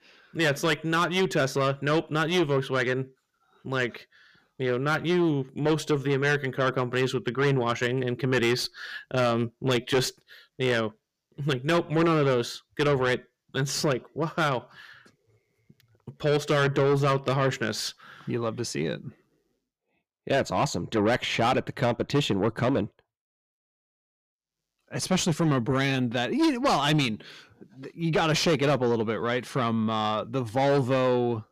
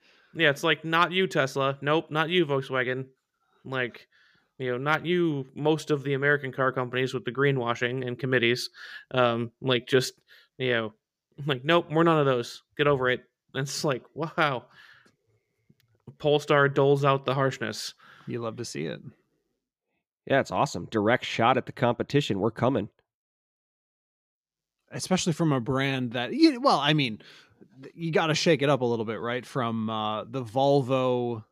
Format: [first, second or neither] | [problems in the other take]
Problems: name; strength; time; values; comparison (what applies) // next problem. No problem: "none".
second | distortion; heavy; 7 dB below the speech